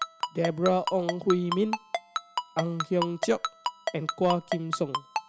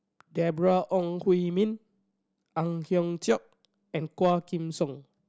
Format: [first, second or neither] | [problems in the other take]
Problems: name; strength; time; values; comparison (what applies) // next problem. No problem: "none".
second | background sound (Ringtone); 5 dB below the speech